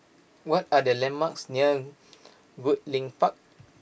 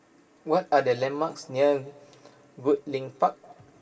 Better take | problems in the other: first | room echo; dies away in 2.4 s

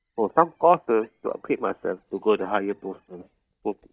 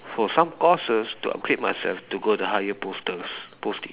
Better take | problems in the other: second | noise reduction (neural mask model DeepFilterNet 3)

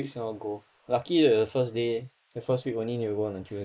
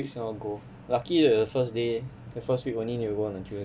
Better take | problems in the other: second | noise reduction (neural mask model Resemble Enhance denoiser)

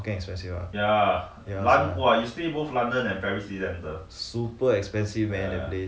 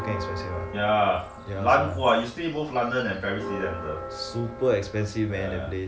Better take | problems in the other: first | background sound (Church bell); 12 dB below the speech

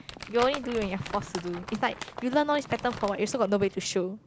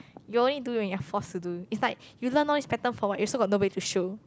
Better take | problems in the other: second | background sound (Crumpling, crinkling); 13 dB below the speech

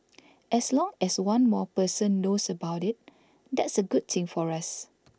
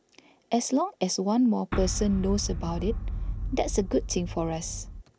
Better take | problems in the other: first | background sound (Boom); 4 dB below the speech

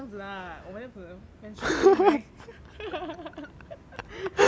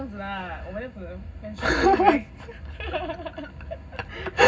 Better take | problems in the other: first | room echo; dies away in 0.4 s

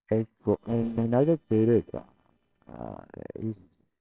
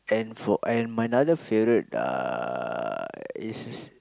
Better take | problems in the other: second | noise reduction (neural separator model SepFormer WHAMR!)

